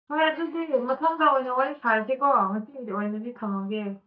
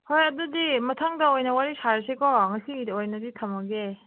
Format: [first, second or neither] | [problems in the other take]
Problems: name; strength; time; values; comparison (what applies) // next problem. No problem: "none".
second | noise reduction (neural mask model DeepFilterNet 3)